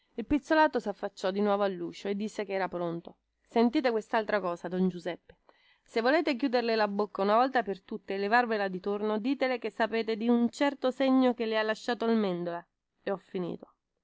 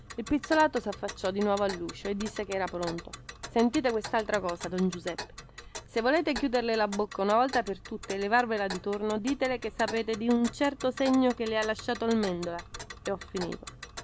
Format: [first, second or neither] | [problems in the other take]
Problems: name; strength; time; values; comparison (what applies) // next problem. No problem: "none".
first | background sound (Tick); 14 dB below the speech